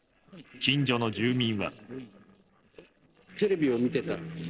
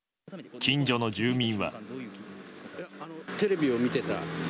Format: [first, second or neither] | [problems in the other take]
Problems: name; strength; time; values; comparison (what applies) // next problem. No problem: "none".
second | noise reduction (neural separator model SepFormer DNS4)